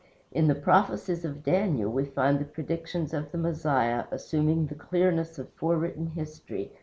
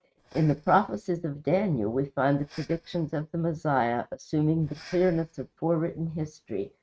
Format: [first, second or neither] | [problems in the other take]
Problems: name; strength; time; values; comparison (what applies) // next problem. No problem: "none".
first | noise reduction (neural mask model RNNoise)